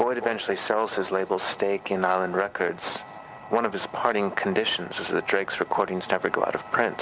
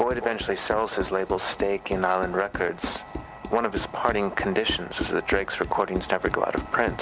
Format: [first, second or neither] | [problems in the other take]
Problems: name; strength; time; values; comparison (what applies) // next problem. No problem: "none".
first | background sound (Run); 11 dB below the speech